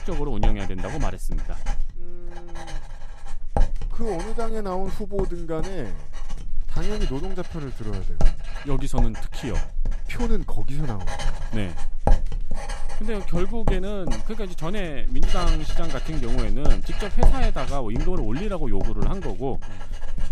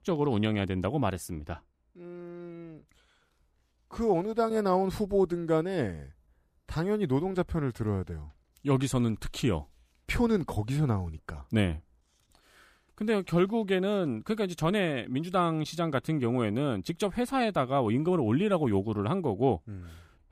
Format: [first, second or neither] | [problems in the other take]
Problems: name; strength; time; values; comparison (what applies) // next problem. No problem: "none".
second | household noises; very loud; throughout; as loud as the speech